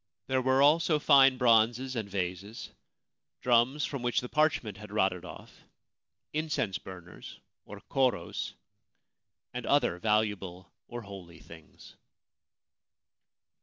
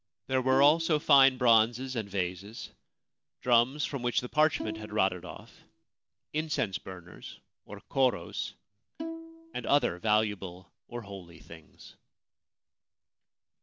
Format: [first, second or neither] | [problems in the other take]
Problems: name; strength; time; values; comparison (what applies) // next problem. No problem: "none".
first | background sound (Bowed string instrument); 10 dB below the speech